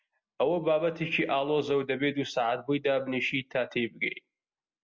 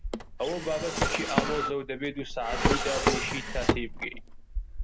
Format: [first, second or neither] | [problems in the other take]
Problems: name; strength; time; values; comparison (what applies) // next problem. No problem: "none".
first | background sound (Drawer open or close); 4 dB above the speech